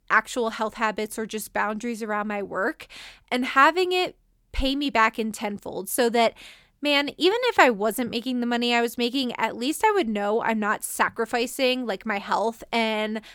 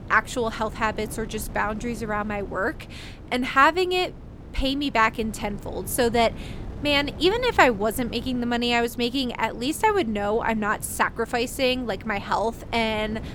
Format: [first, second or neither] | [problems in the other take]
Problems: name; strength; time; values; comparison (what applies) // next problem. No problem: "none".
first | wind noise on the microphone; occasional gusts; 20 dB below the speech